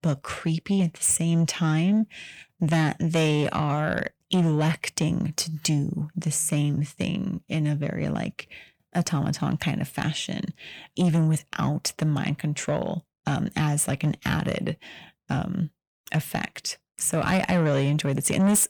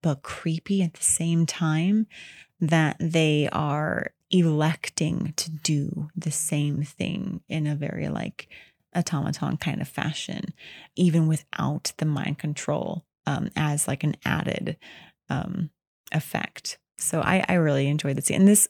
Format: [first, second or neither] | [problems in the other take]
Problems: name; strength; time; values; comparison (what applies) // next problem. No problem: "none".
second | distortion; slight; 10 dB below the speech